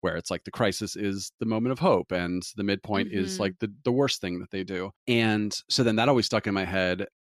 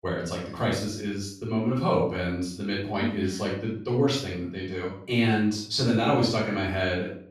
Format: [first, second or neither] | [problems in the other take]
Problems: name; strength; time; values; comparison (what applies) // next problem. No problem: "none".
first | off-mic speech; far // room echo; noticeable; dies away in 0.5 s